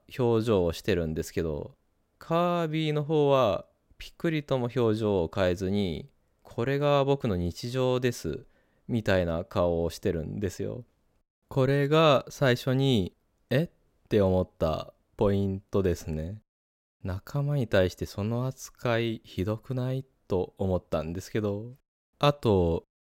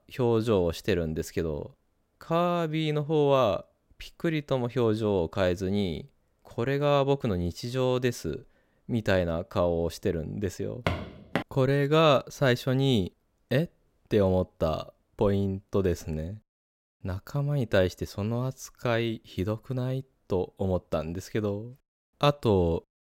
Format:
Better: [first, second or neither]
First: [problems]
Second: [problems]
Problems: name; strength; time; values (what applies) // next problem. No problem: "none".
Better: first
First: none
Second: footsteps; noticeable; at 11 s; peak 4 dB below the speech